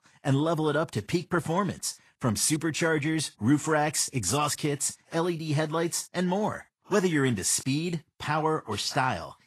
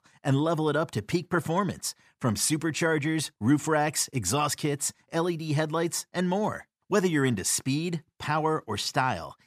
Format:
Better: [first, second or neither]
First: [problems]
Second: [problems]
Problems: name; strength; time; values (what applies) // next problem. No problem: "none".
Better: second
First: garbled, watery; slightly; nothing above 12 kHz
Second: none